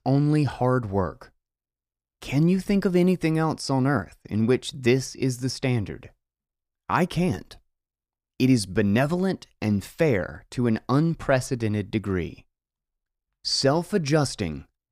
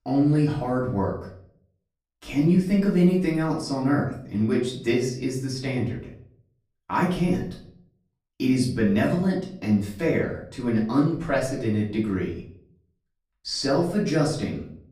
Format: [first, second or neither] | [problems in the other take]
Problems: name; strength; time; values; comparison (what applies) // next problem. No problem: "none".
first | off-mic speech; far // room echo; slight; dies away in 0.5 s